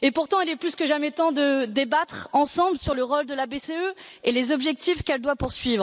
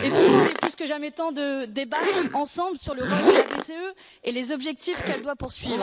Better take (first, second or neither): first